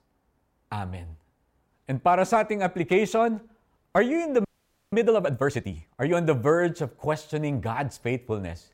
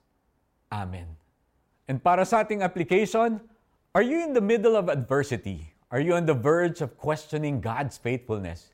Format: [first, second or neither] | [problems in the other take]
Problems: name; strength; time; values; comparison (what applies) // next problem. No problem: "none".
second | audio freezing; at 4.5 s